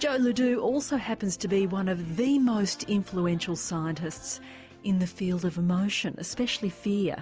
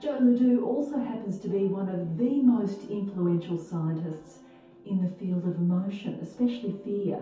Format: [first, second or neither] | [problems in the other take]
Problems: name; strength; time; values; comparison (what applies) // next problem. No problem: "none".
first | room echo; dies away in 0.6 s